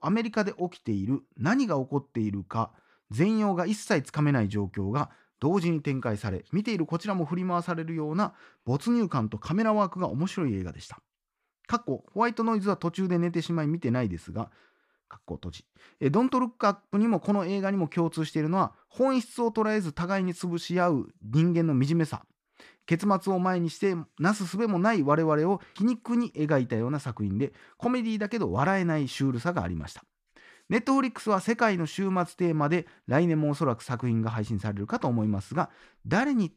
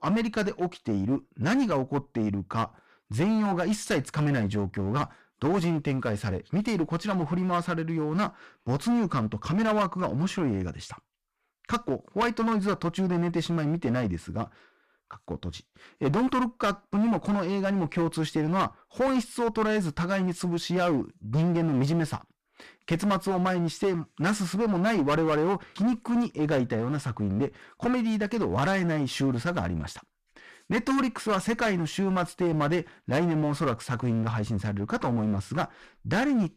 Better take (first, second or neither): first